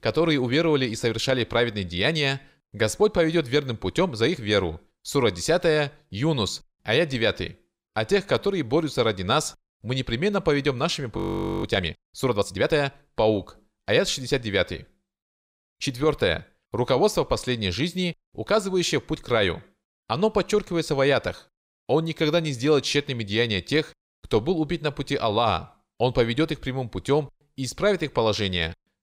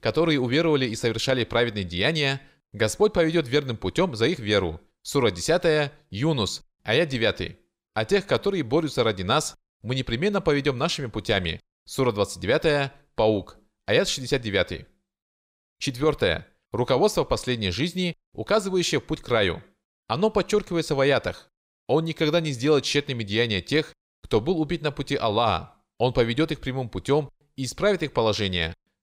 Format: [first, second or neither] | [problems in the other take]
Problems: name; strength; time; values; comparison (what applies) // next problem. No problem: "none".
second | audio freezing; at 11 s